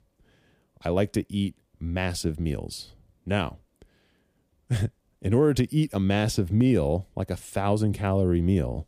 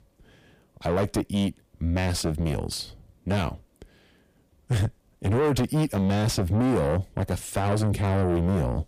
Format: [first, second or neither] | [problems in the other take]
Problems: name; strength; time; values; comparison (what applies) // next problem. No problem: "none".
first | distortion; heavy; 5 dB below the speech